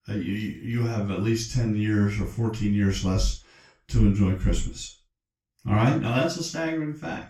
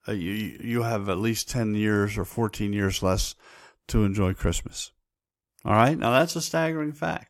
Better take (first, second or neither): second